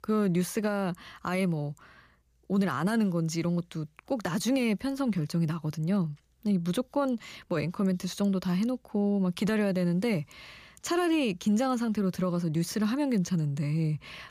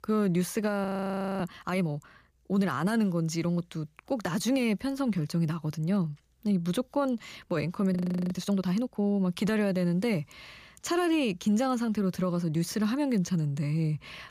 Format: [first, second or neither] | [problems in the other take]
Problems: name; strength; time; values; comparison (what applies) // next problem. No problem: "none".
first | audio freezing; at 1 s for 0.5 s and at 8 s